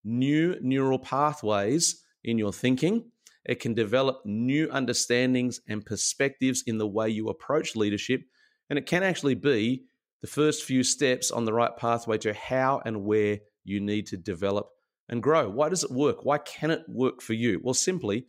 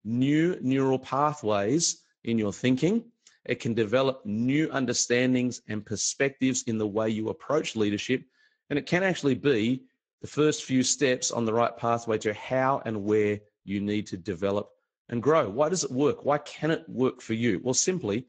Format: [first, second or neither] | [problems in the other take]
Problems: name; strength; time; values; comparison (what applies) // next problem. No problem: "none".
first | garbled, watery; slightly; nothing above 7.5 kHz